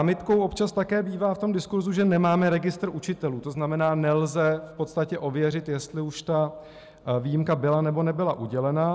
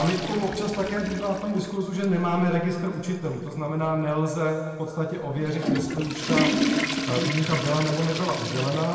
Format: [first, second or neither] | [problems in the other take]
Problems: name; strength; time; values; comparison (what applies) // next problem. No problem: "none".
first | background sound (Toilet flush / Water); 5 dB below the speech // room echo; dies away in 2.3 s